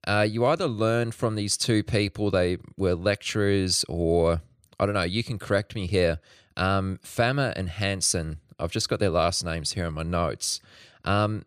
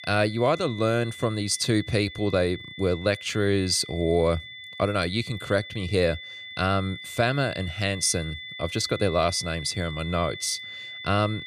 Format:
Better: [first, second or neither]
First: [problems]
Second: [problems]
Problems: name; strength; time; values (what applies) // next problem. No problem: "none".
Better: first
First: none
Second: high-pitched whine; noticeable; throughout; 2 kHz, 10 dB below the speech